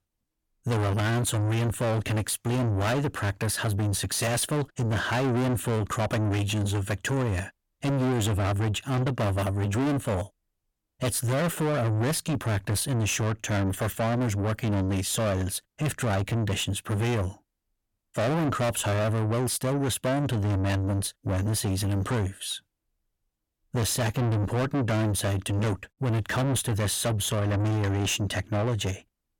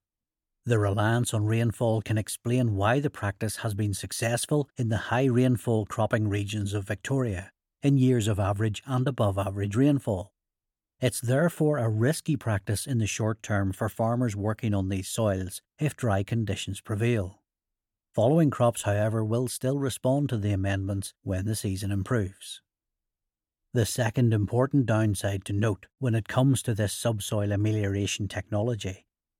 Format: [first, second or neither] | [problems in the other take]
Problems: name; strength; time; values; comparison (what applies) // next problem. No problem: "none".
second | distortion; heavy; 6 dB below the speech